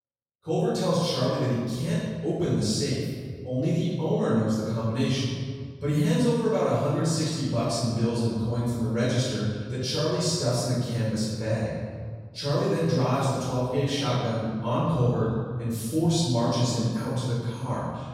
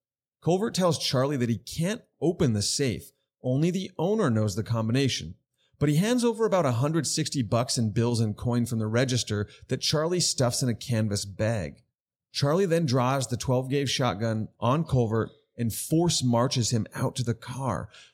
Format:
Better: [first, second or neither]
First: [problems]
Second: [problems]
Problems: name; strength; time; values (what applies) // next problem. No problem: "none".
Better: second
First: room echo; strong; dies away in 1.7 s // off-mic speech; far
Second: none